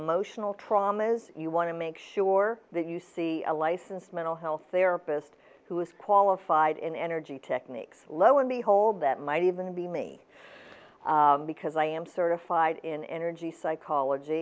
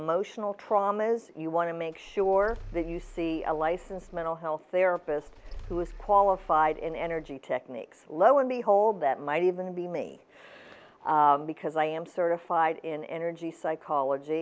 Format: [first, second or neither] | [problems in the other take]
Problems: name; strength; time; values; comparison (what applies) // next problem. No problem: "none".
first | background sound (Engine starting / Car); 16 dB below the speech